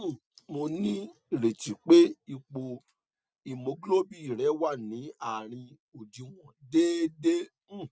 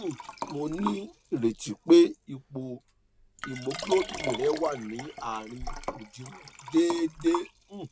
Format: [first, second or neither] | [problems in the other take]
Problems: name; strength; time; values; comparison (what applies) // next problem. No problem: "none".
first | background sound (Liquid); 11 dB below the speech